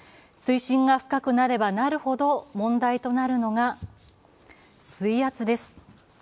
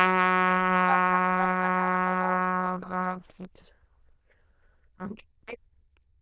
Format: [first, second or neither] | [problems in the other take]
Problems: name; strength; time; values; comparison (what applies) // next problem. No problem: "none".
first | noise reduction (neural diffusion model UNIVERSE++)